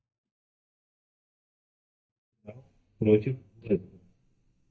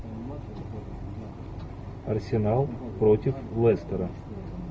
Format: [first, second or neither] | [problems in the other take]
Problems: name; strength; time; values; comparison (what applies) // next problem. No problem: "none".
second | noise reduction (neural mask model DeepFilterNet 3)